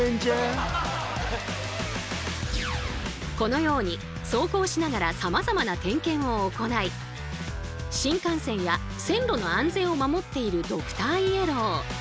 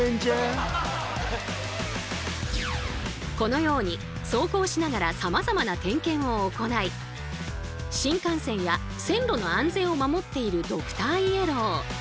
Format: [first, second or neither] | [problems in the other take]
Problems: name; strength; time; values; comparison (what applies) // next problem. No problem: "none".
first | background sound (Engine / Truck); 16 dB below the speech